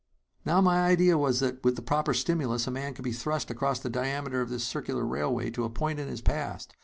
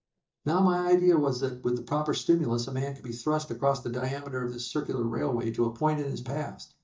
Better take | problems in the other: first | noise reduction (neural mask model DeepFilterNet 3)

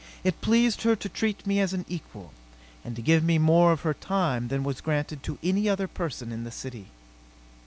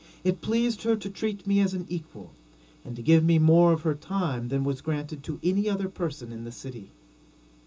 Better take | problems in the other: first | room echo; dies away in 0.2 s

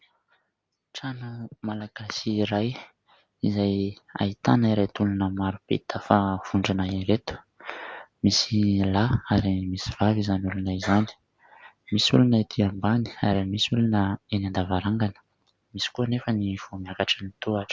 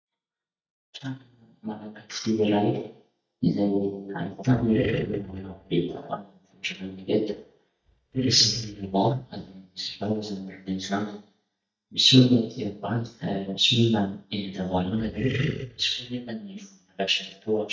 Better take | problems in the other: first | noise reduction (neural mask model DeepFilterNet 3)

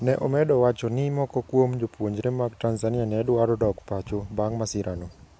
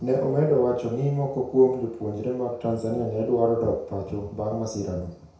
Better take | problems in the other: first | room echo; dies away in 0.5 s

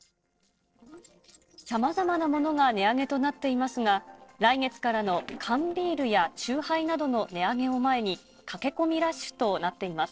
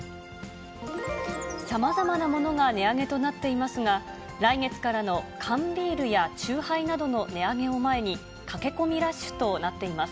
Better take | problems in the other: second | noise reduction (neural separator model SepFormer DNS4)

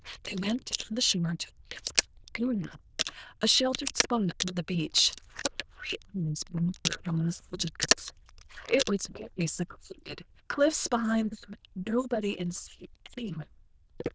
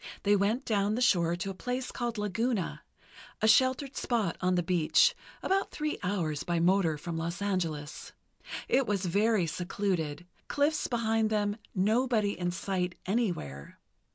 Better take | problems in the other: second | noise reduction (neural diffusion model UNIVERSE++)

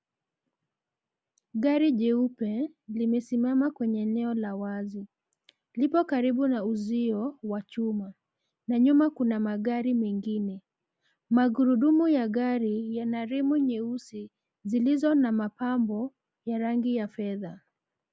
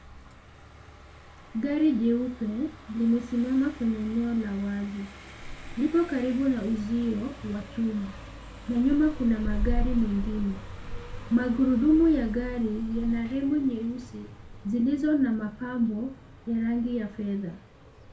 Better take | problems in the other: first | background sound (Car passing by); 9 dB below the speech // room echo; dies away in 0.3 s

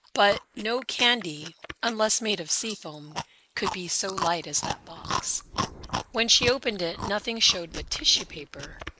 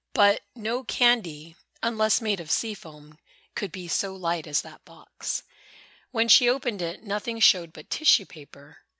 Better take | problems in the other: second | noise reduction (neural mask model Resemble Enhance denoiser)

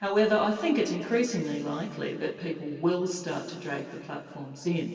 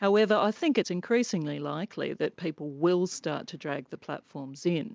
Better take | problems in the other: second | room echo; dies away in 2.5 s

